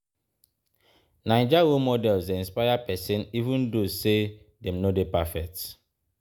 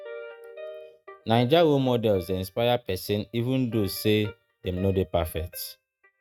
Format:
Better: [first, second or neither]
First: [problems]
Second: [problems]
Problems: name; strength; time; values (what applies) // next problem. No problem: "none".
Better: first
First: none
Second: noise reduction (neural mask model RNNoise)